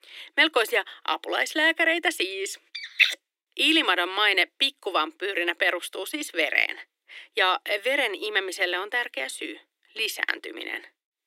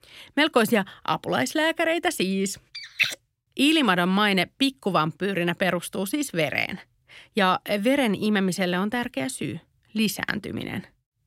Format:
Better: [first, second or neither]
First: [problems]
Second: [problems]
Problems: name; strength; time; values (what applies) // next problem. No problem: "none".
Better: second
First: thin; very; fading below 300 Hz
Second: none